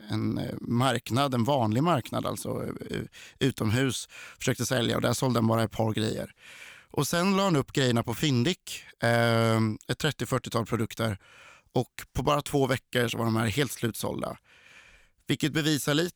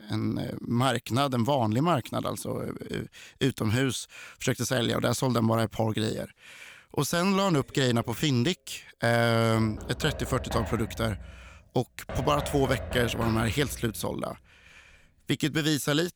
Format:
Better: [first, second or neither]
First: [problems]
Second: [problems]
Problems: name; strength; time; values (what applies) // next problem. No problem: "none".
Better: first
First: none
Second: door banging; noticeable; from 8 to 14 s; peak 7 dB below the speech